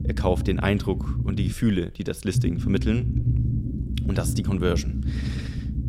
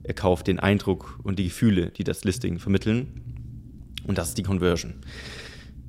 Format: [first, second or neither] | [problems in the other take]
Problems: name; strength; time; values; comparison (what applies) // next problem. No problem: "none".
second | low rumble; loud; throughout; 8 dB below the speech; faint in the second